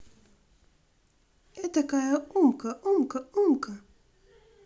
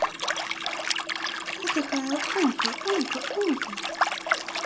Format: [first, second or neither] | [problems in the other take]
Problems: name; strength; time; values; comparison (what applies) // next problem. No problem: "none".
first | background sound (Liquid); 2 dB above the speech